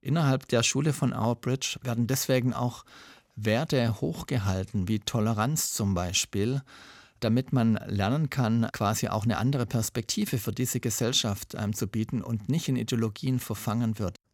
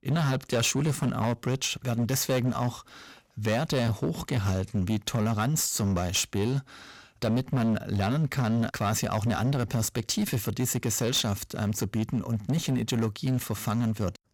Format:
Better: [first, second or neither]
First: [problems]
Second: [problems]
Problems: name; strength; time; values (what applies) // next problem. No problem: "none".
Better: first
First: none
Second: distortion; slight; 13% of the sound clipped